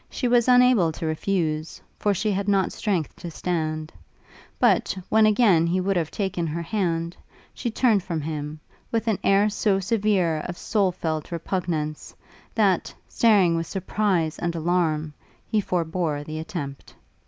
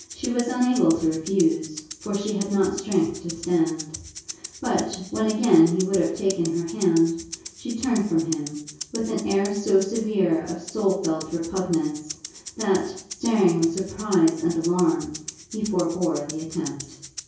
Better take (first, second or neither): first